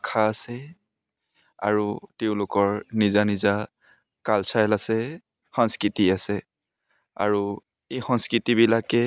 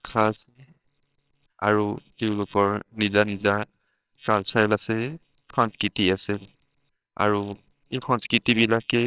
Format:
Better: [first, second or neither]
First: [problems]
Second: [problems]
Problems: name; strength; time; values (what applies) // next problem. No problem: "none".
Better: first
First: none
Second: noise reduction (neural separator model SepFormer WHAMR!)